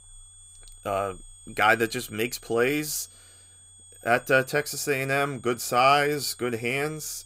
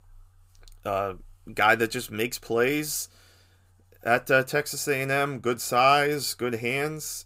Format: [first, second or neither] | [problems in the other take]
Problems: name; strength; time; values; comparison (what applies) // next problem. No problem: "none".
second | high-pitched whine; faint; throughout; 8.5 kHz, 25 dB below the speech